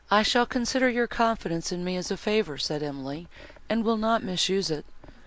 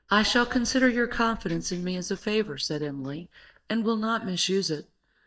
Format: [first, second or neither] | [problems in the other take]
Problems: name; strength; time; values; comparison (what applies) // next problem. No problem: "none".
first | noise reduction (neural mask model DeepFilterNet 3)